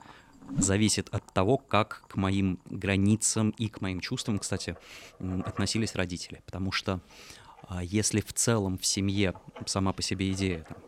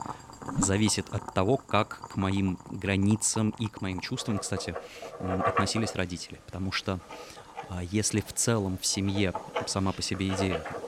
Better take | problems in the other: first | household noises; loud; throughout; 9 dB below the speech; faint in the first

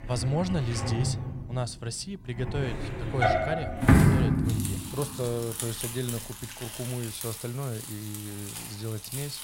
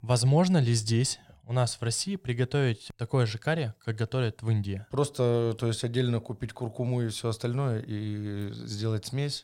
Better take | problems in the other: second | household noises; very loud; throughout; 4 dB above the speech

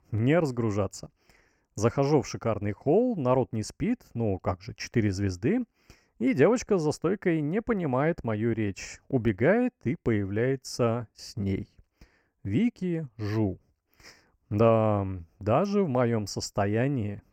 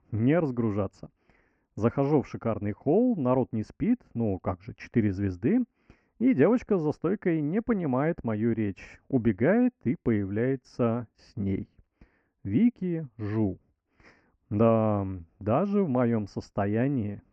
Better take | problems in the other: first | muffled; very; fading above 2.5 kHz

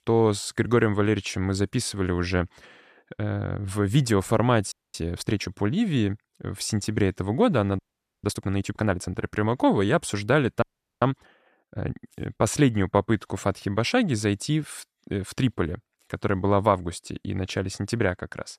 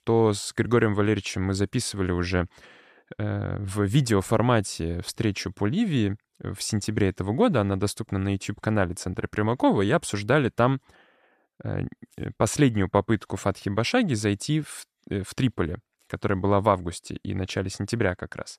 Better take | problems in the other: second | audio freezing; at 4.5 s, at 8 s and at 11 s

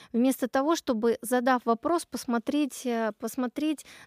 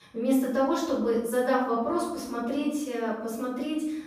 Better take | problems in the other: first | off-mic speech; far // room echo; noticeable; dies away in 0.8 s

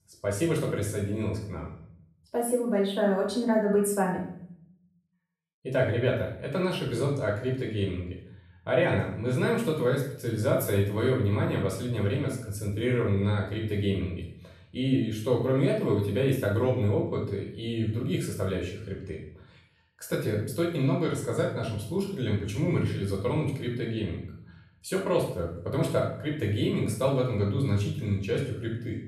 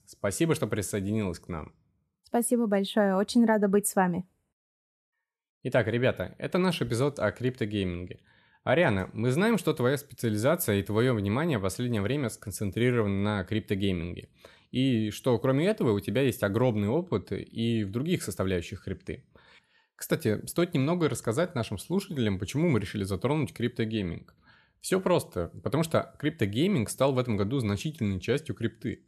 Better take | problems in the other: second | off-mic speech; far // room echo; noticeable; dies away in 0.6 s

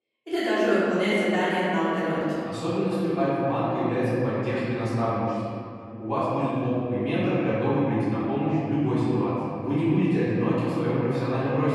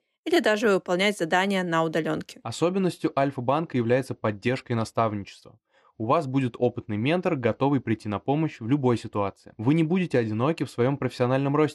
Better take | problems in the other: second | off-mic speech; far // room echo; strong; dies away in 2.7 s

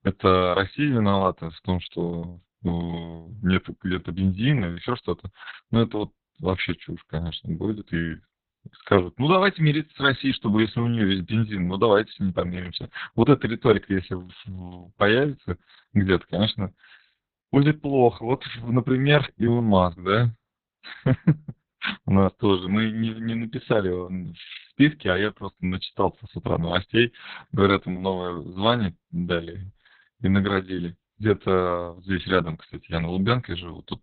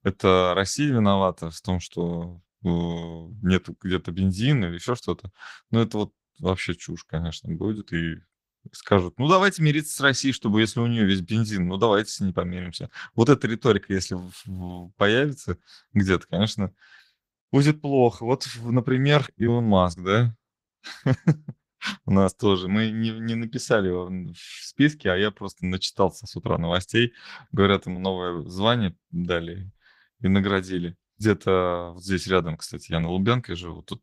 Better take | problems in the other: second | garbled, watery; badly; nothing above 4 kHz; slightly in the second

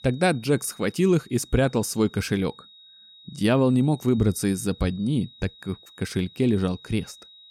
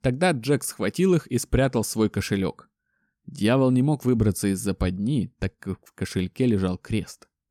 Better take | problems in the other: second | high-pitched whine; faint; throughout; 4 kHz, 25 dB below the speech

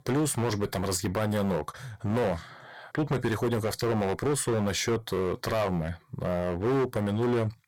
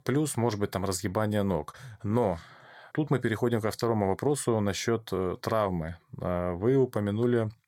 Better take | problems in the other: second | distortion; heavy; 15% of the sound clipped

